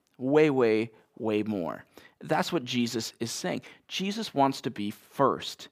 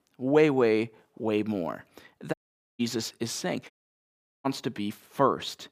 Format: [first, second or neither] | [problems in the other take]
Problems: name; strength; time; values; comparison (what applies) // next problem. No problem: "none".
first | audio cutting out; at 2.5 s and at 3.5 s for 0.5 s